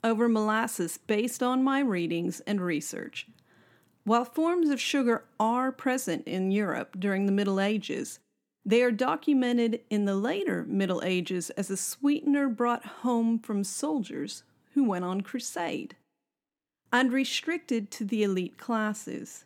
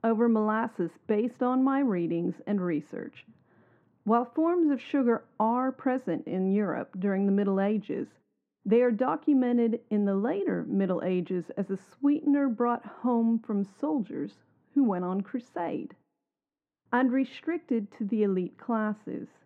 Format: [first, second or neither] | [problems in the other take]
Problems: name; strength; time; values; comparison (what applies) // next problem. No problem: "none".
first | muffled; very; fading above 3.5 kHz